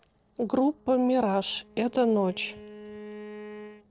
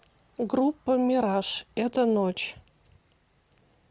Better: second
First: noise reduction (neural separator model SepFormer DNS4)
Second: none

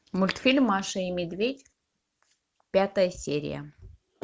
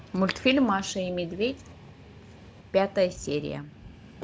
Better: first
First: none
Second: background sound (Train); 19 dB below the speech

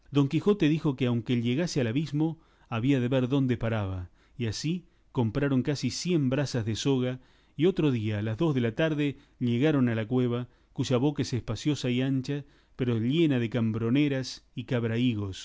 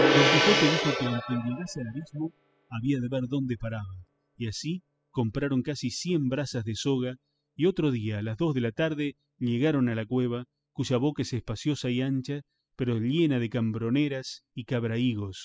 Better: first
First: none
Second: noise reduction (classical method spectral subtraction)

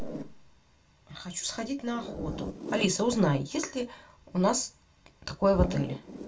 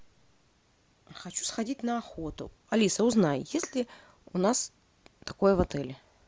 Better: second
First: background sound (Zipper (clothing)); 11 dB below the speech // room echo; dies away in 0.2 s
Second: none

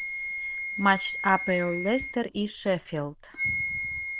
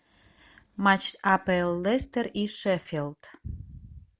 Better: second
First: noise reduction (neural diffusion model UNIVERSE++)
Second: none

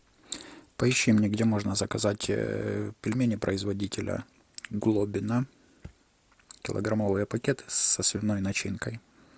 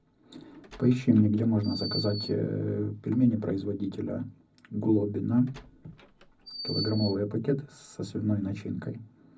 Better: first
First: none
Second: background sound (Door); 15 dB below the speech // room echo; dies away in 0.4 s

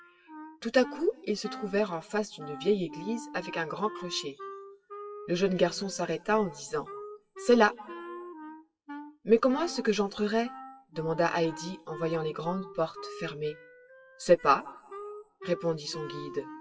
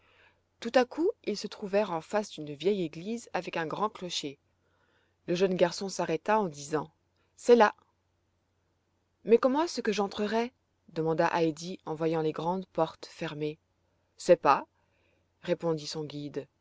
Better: second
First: noise reduction (classical method WPE with log-MMSE)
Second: none

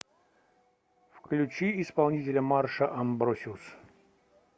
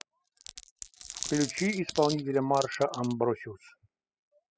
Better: first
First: none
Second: noise reduction (classical method spectral subtraction)

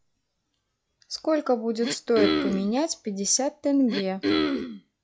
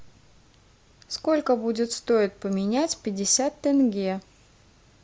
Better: second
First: noise reduction (classical method log-MMSE)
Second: none

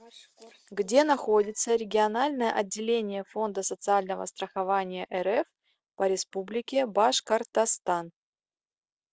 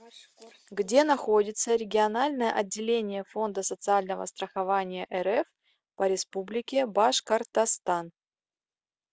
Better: second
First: noise reduction (neural separator model SepFormer DNS4)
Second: none

